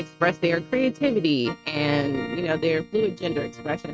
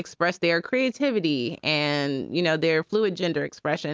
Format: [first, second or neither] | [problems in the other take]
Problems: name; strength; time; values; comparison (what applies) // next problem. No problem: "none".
second | noise reduction (neural mask model RNNoise)